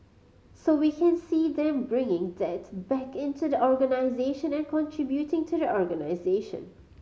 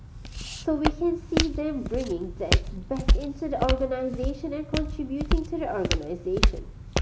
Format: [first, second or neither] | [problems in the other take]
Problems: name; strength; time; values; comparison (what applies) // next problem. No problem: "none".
first | background sound (Walk, footsteps); 2 dB above the speech